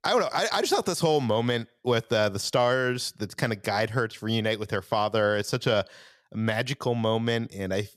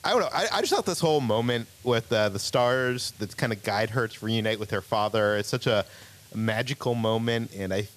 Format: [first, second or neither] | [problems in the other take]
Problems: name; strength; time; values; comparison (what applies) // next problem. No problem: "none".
first | hiss; faint; throughout; 25 dB below the speech